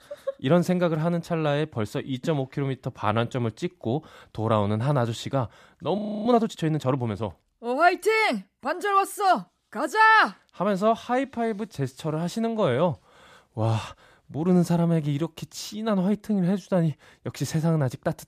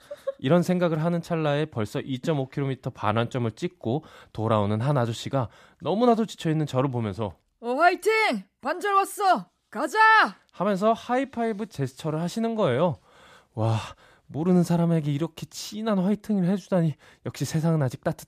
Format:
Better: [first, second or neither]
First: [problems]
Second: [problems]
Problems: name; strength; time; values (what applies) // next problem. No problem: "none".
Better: second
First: audio freezing; at 6 s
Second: none